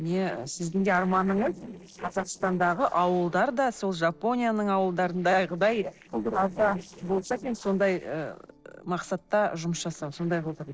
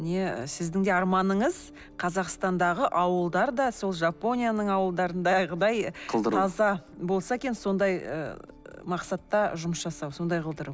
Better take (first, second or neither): second